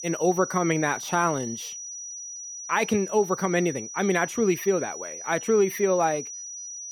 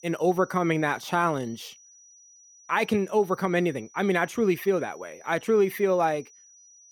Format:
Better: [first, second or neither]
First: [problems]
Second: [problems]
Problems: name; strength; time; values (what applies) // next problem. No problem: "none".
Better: second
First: high-pitched whine; loud; throughout; 6 kHz, 10 dB below the speech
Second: high-pitched whine; faint; throughout; 6 kHz, 25 dB below the speech